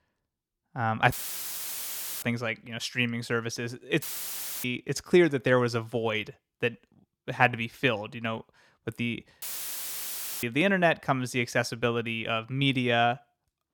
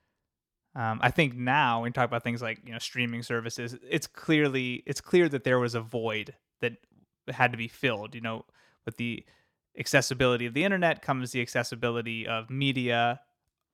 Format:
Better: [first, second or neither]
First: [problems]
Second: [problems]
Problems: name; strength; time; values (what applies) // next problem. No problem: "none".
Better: second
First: audio cutting out; filled with static; at 1 s for 1 s, at 4 s for 0.5 s and at 9.5 s for 1 s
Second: none